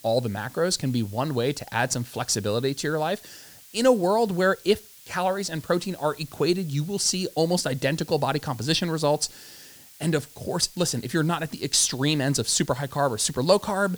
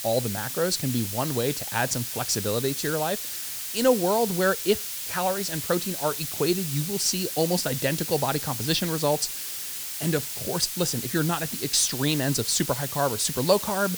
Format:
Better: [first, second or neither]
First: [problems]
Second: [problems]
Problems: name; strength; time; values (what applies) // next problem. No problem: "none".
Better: first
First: hiss; faint; throughout; 20 dB below the speech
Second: hiss; loud; throughout; 3 dB below the speech